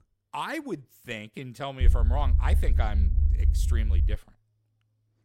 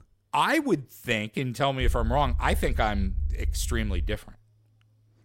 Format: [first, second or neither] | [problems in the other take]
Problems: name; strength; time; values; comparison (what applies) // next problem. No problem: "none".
second | low rumble; loud; from 2 to 4 s; 9 dB below the speech; faint in the second